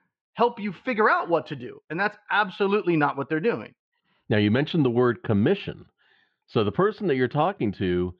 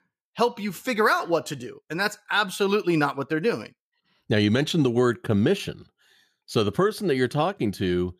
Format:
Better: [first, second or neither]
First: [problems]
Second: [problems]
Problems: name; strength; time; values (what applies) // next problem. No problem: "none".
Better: second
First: muffled; slightly; fading above 3 kHz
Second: none